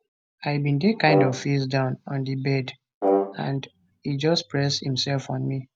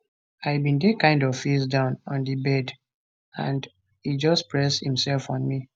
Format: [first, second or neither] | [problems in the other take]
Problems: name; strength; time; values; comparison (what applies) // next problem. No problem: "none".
second | background sound (Brass instrument); 1 dB below the speech